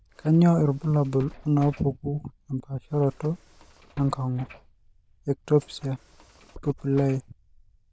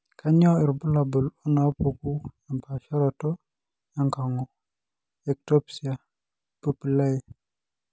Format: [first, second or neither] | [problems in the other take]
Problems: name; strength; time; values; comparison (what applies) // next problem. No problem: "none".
second | noise reduction (neural diffusion model UNIVERSE++)